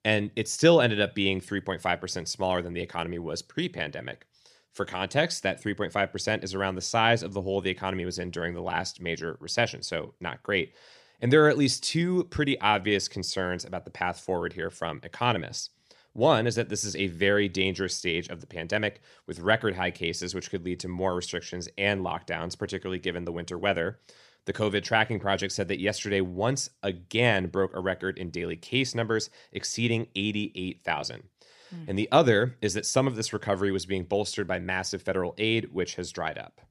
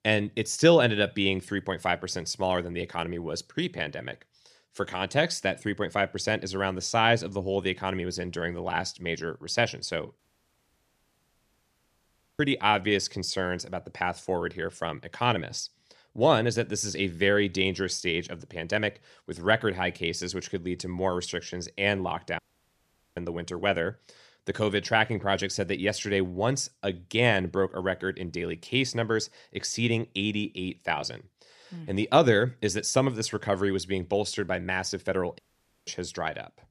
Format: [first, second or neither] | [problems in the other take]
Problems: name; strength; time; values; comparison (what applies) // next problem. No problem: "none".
first | audio cutting out; at 10 s for 2 s, at 22 s for 1 s and at 35 s